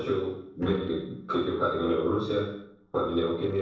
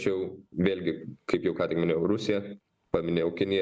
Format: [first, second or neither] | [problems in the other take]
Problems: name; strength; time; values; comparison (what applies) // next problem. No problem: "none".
second | noise reduction (neural separator model SepFormer DNS4)